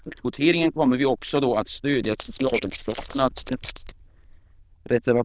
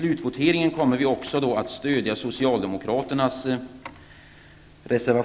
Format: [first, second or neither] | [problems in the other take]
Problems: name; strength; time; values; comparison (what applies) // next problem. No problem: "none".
second | noise reduction (neural diffusion model UNIVERSE++)